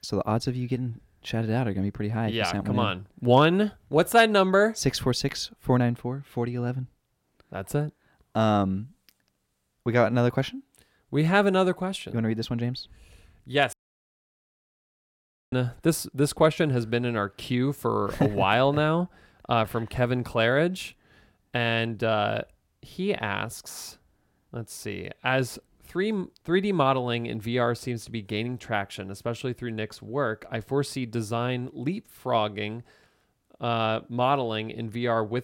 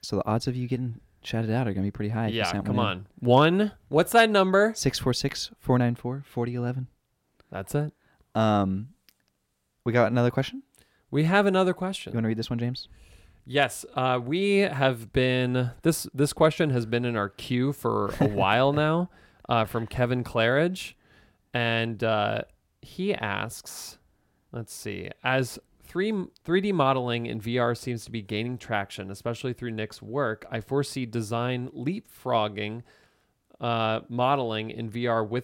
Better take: second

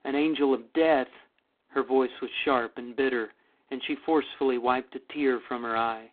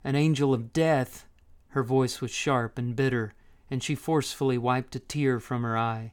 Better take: second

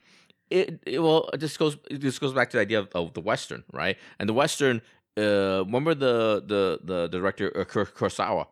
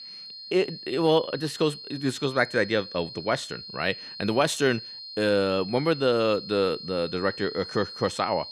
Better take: first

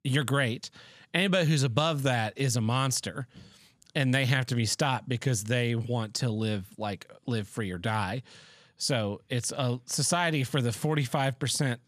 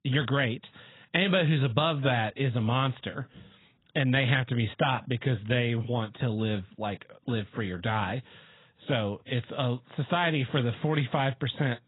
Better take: first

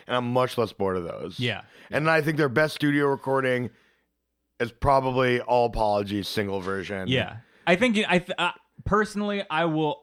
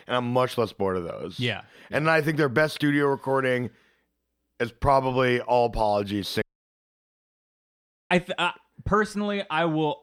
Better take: first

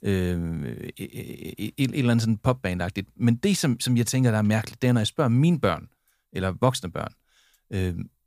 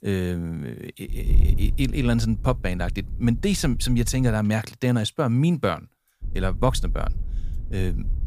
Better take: first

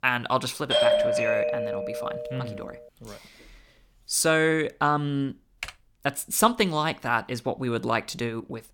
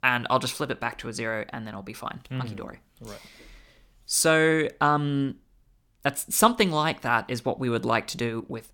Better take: second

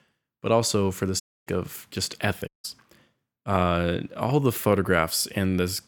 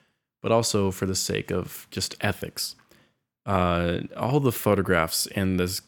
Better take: second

